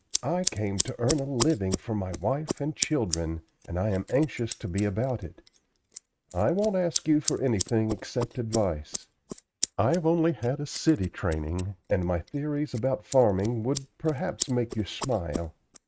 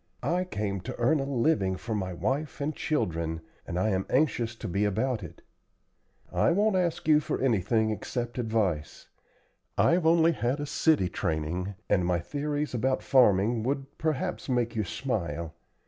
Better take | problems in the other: second | noise reduction (neural mask model RNNoise)

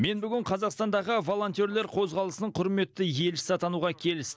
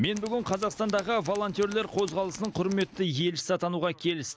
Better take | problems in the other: first | background sound (Tools); 18 dB below the speech

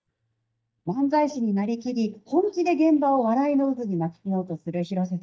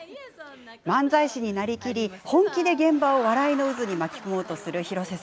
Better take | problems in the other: second | noise reduction (neural mask model DeepFilterNet 3)

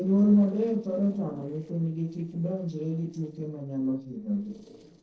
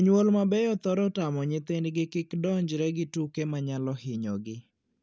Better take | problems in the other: second | noise reduction (neural separator model SepFormer DNS4)

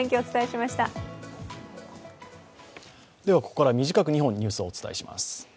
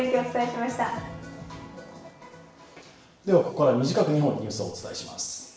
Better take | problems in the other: first | room echo; dies away in 0.8 s

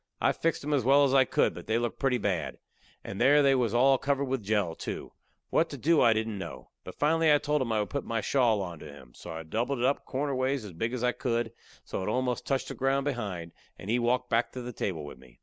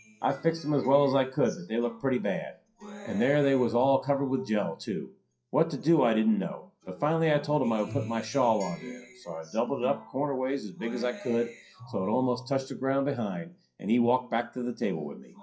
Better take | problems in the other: first | noise reduction (classical method WPE with log-MMSE)

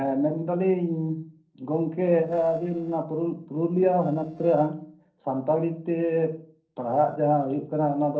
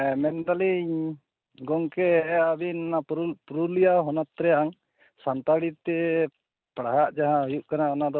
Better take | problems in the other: second | noise reduction (neural separator model SepFormer DNS4)

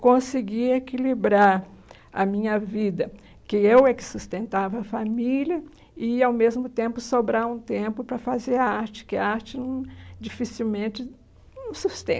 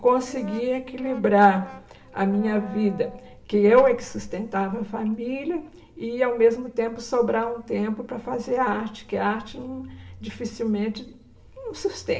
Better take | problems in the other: first | background sound (Brass instrument); 19 dB below the speech // room echo; dies away in 0.7 s

